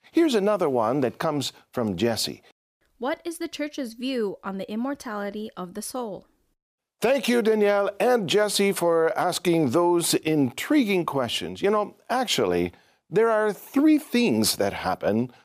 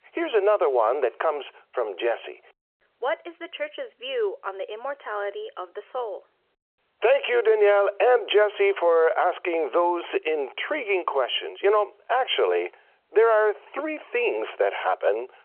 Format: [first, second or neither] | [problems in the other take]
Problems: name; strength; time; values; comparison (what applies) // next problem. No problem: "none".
first | phone-call audio; nothing above 3 kHz